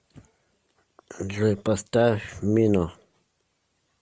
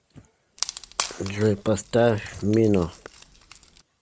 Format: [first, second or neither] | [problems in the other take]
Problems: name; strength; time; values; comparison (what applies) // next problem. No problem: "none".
first | background sound (Wood); 12 dB below the speech